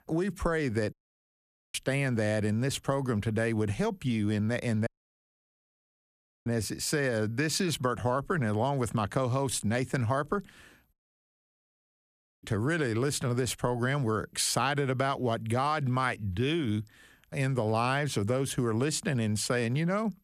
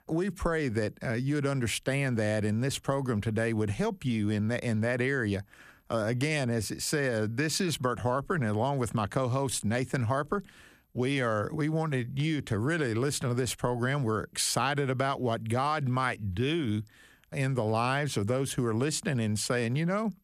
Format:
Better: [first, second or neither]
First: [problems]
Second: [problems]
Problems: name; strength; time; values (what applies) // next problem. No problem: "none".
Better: second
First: audio cutting out; at 1 s for 1 s, at 5 s for 1.5 s and at 11 s for 1.5 s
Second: none